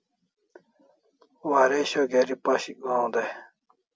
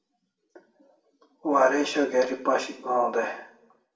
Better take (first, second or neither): first